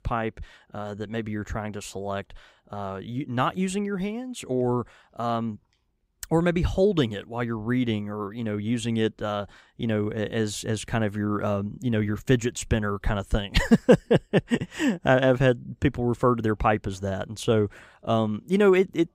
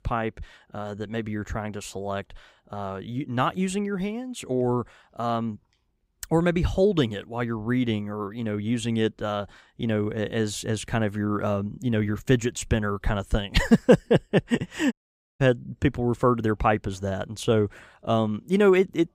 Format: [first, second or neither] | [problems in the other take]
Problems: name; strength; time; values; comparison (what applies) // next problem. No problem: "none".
first | audio cutting out; at 15 s